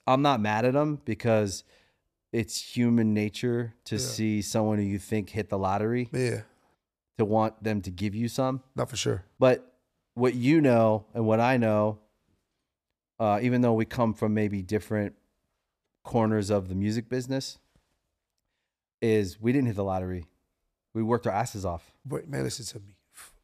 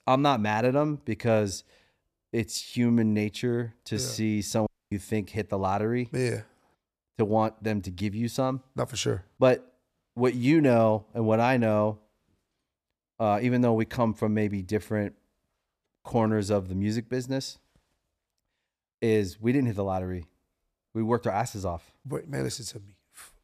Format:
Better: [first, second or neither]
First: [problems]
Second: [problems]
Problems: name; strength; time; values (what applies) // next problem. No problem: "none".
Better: first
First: none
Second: audio cutting out; at 4.5 s